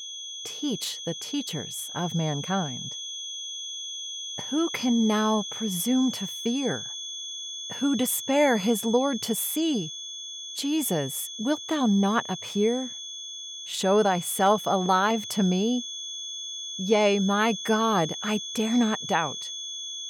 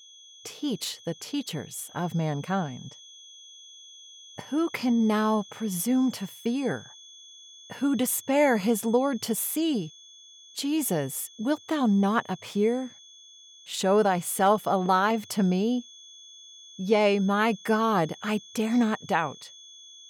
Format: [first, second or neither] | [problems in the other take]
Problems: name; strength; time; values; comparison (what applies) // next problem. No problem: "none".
second | high-pitched whine; loud; throughout; 3.5 kHz, 8 dB below the speech; faint in the second